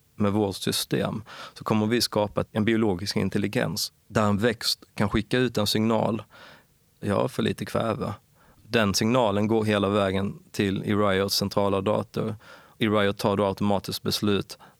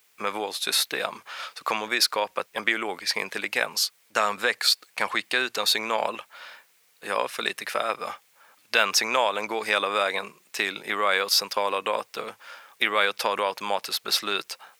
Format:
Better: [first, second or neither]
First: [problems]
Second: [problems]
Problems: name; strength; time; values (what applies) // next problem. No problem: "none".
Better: first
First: none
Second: thin; very; fading below 750 Hz